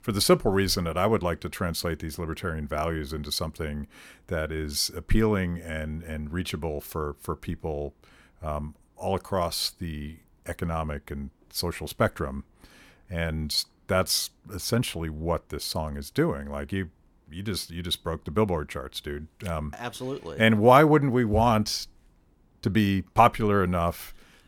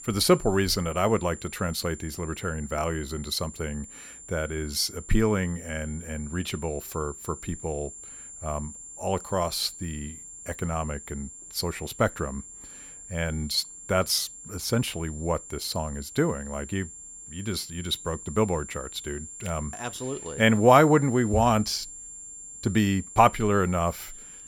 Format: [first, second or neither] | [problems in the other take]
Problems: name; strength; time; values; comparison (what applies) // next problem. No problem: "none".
first | high-pitched whine; noticeable; throughout; 7.5 kHz, 15 dB below the speech